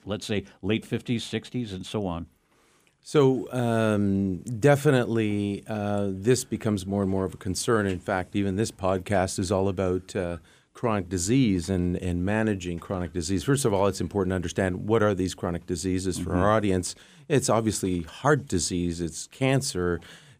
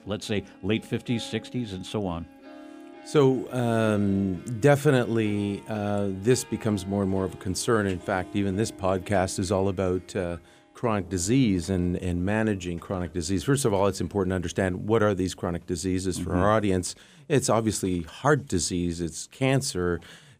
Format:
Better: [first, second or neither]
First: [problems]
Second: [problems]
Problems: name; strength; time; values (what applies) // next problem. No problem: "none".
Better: first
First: none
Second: background music; faint; throughout; 20 dB below the speech